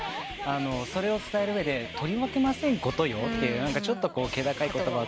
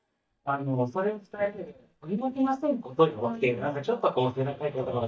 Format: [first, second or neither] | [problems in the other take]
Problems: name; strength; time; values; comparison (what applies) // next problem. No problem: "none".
first | noise reduction (neural mask model DeepFilterNet 3)